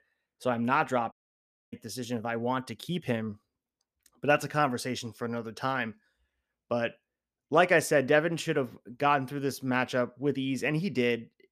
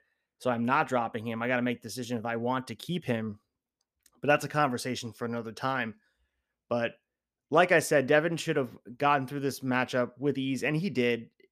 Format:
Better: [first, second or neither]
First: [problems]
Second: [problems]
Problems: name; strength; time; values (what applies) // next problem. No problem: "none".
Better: second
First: audio cutting out; at 1 s for 0.5 s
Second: none